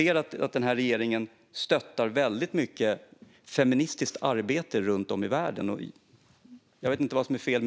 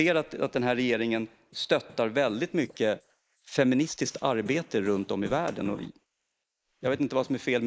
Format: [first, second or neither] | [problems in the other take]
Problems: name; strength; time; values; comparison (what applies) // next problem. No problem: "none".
first | noise reduction (neural mask model Resemble Enhance denoiser)